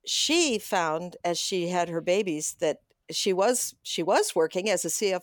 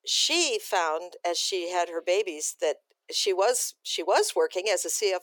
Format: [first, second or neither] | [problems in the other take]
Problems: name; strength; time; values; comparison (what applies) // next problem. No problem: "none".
first | thin; very; fading below 400 Hz